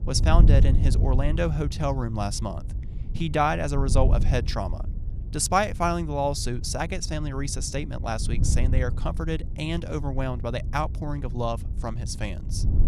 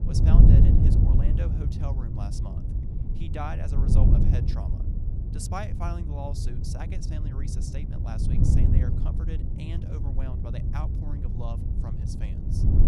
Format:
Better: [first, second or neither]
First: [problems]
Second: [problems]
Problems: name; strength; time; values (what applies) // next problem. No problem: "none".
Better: first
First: wind noise on the microphone; occasional gusts; 15 dB below the speech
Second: wind noise on the microphone; heavy; 2 dB above the speech